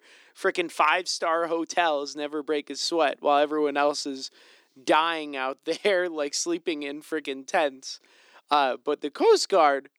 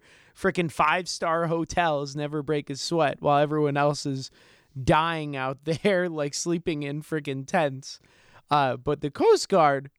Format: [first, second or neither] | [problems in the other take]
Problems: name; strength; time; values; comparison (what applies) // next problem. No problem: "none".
second | thin; somewhat; fading below 250 Hz